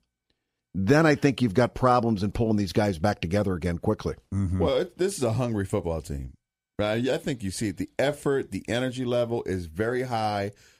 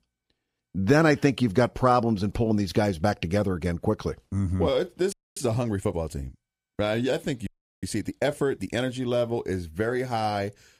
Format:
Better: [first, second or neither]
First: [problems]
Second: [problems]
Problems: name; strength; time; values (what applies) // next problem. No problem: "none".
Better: first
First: none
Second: audio freezing; at 5 s and at 7.5 s